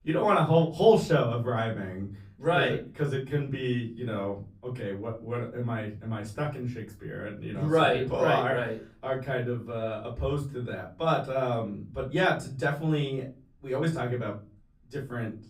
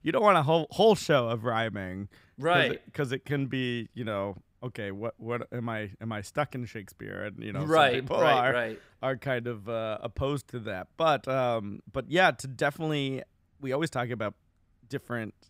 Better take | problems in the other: second | off-mic speech; far // room echo; slight; dies away in 0.3 s

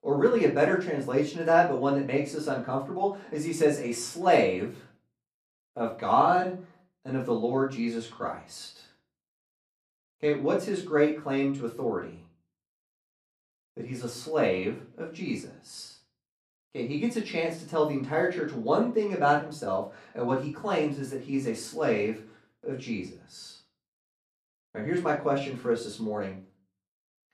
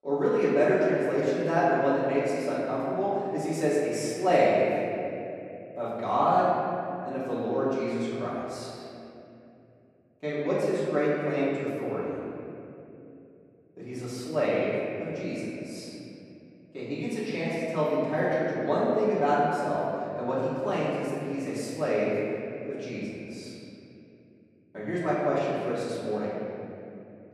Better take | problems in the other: first | room echo; strong; dies away in 2.9 s; slight in the first // off-mic speech; far; far in the first

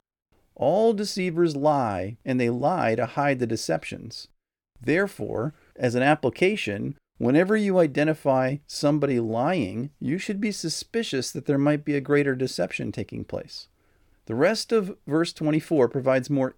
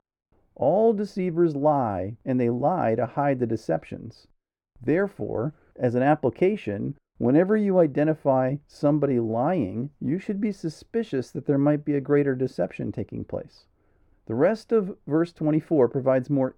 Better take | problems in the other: first | muffled; very; fading above 2 kHz

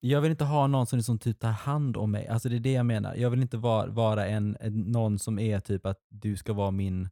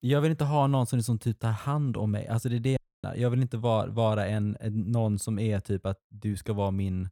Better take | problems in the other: first | audio cutting out; at 3 s

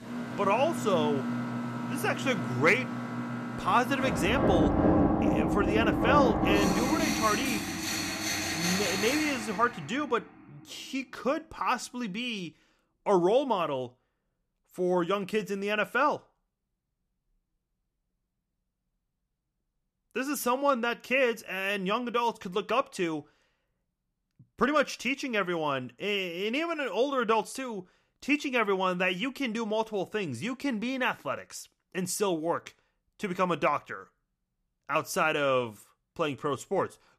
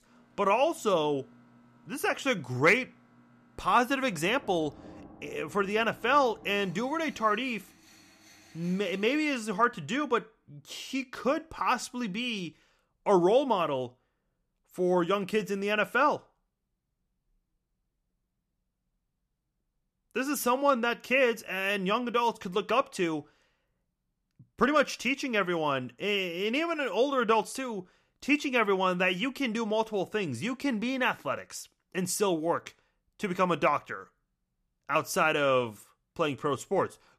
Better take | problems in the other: second | machinery noise; loud; until 9 s; as loud as the speech; faint in the second

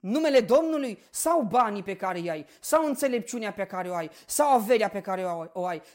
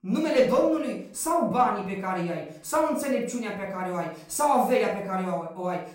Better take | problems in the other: first | off-mic speech; far // room echo; slight; dies away in 0.5 s

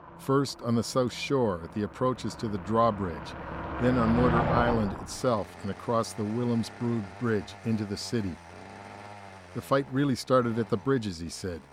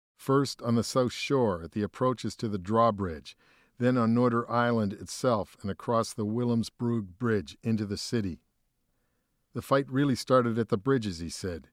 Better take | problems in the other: second | traffic noise; loud; throughout; 8 dB below the speech

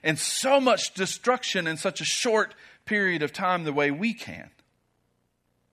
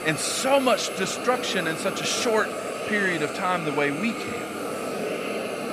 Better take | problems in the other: first | hiss; loud; throughout; 5 dB below the speech

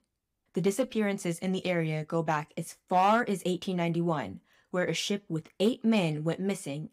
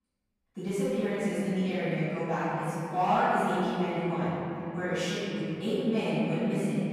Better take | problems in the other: first | off-mic speech; far // room echo; strong; dies away in 3 s

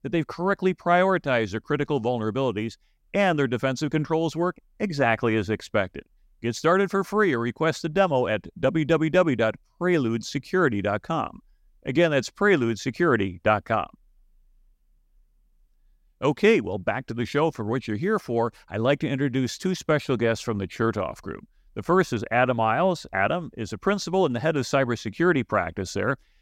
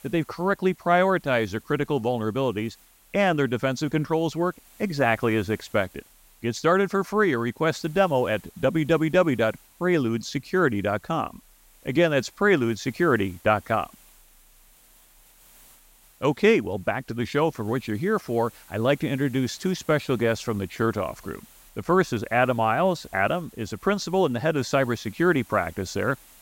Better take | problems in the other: first | hiss; faint; throughout; 25 dB below the speech

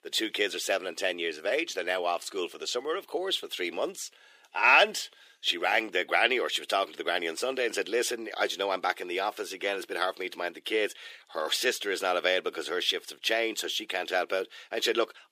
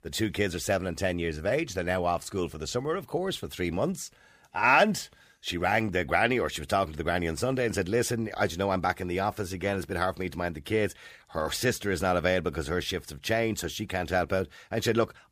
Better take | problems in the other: second | thin; somewhat; fading below 350 Hz

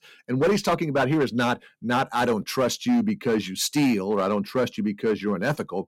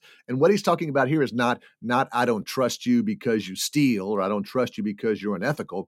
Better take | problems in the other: second | distortion; slight; 9% of the sound clipped

